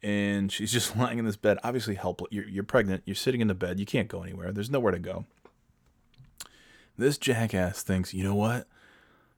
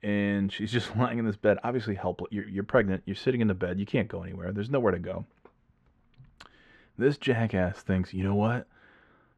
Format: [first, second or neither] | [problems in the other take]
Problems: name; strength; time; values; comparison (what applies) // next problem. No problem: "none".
first | muffled; slightly; fading above 2.5 kHz